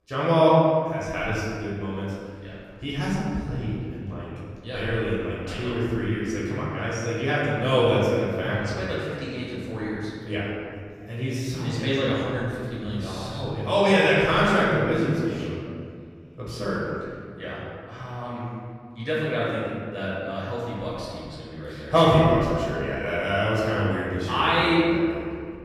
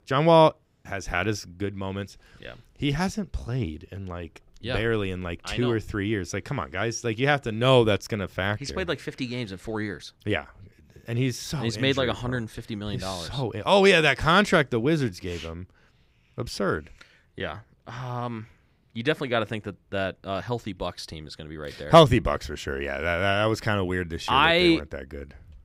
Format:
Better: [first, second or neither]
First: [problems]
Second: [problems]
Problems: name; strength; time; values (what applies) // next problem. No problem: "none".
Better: second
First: room echo; strong; dies away in 2 s // off-mic speech; far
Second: none